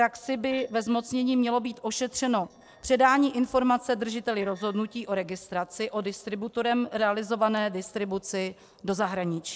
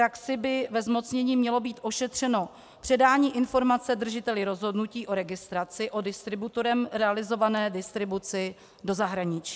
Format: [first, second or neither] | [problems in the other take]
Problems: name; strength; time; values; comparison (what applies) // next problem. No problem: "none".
second | noise reduction (neural separator model SepFormer DNS4)